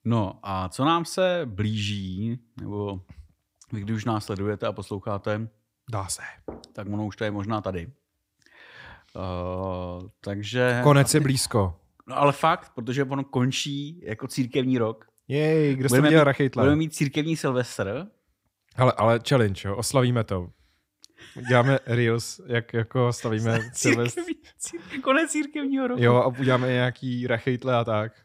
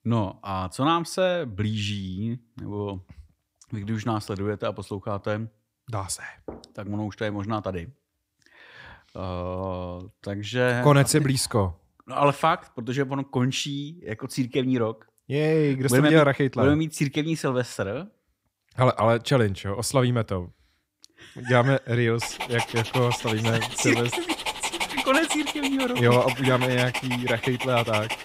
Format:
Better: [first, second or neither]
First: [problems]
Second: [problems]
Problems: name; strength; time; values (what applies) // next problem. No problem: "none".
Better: first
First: none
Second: dog barking; noticeable; from 22 s on; peak 2 dB below the speech